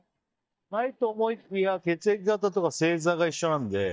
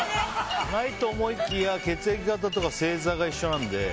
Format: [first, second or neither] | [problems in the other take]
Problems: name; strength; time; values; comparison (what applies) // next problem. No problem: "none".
second | noise reduction (neural mask model DeepFilterNet 3)